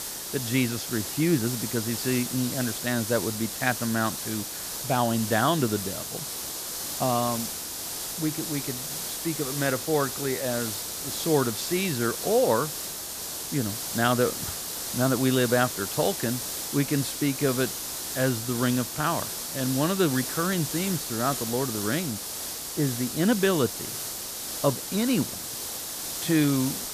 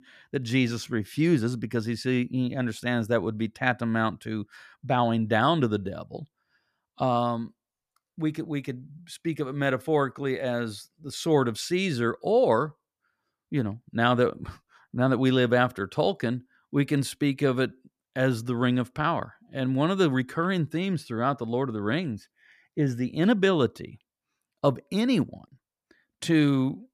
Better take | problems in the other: second | hiss; loud; throughout; 4 dB below the speech

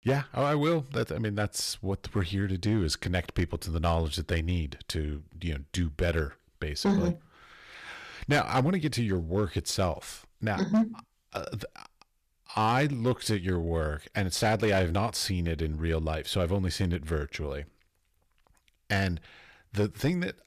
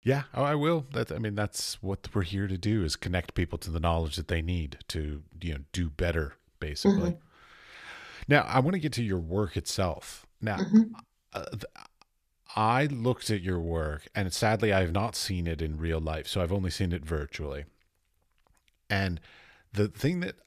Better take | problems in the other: second | distortion; slight; 3% of the sound clipped

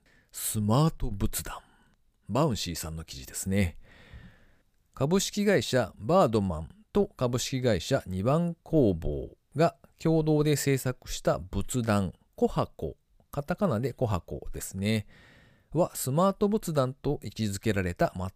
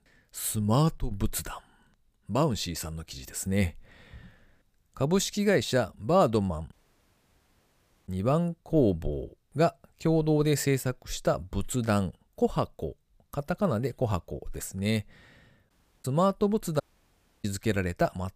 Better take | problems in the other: first | audio cutting out; at 6.5 s for 1.5 s, at 16 s and at 17 s for 0.5 s

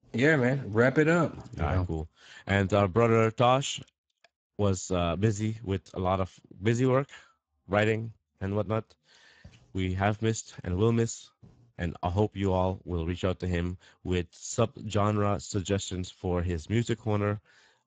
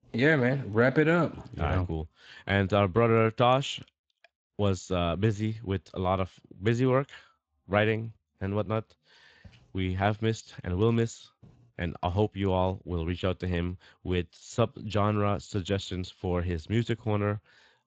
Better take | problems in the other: second | garbled, watery; badly; nothing above 7.5 kHz; slightly in the second

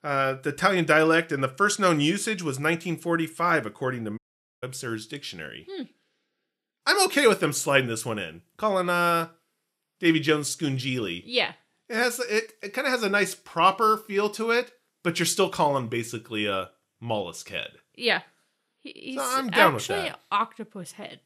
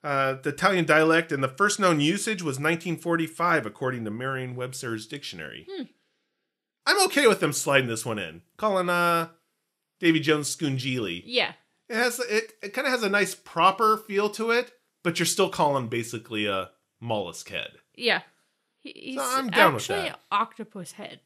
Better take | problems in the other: second | audio cutting out; at 4 s

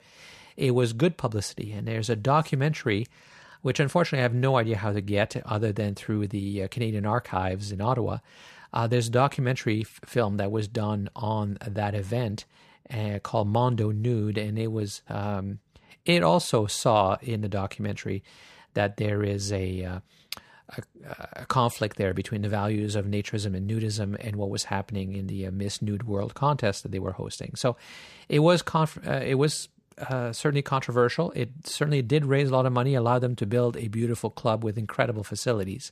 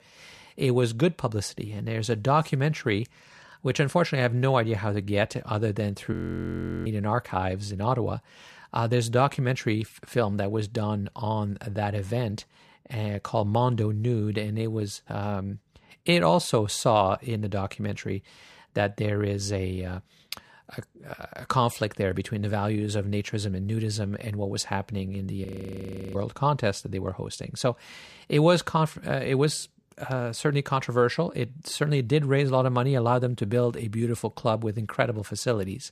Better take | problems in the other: first | audio freezing; at 6 s for 0.5 s and at 25 s for 0.5 s

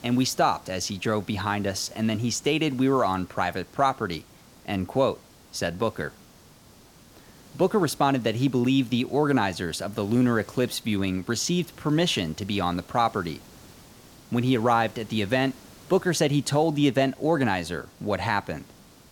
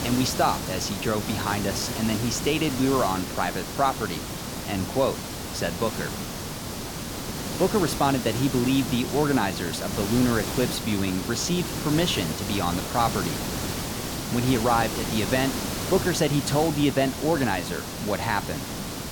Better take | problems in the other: first | hiss; loud; throughout; 5 dB below the speech; faint in the first

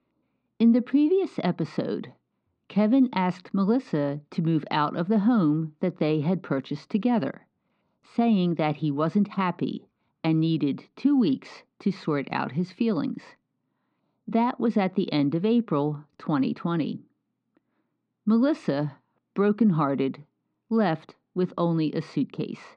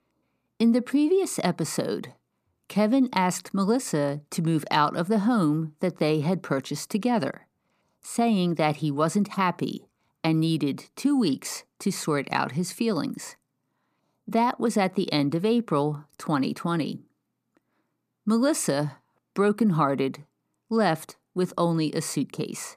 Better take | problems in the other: second | muffled; slightly; fading above 3.5 kHz

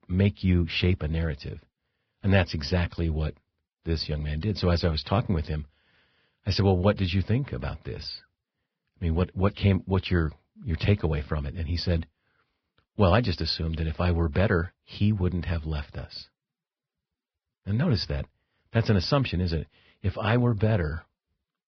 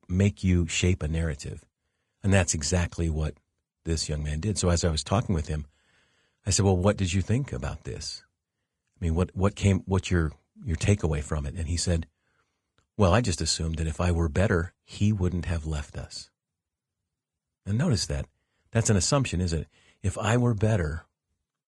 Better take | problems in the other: second | garbled, watery; badly; nothing above 5 kHz; slightly in the second

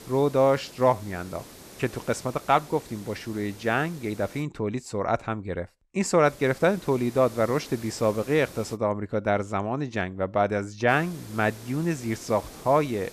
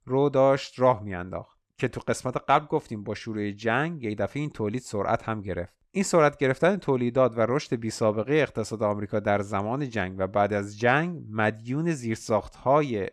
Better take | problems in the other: second | hiss; noticeable; until 4.5 s, from 6.5 to 9 s and from 11 s on; 20 dB below the speech

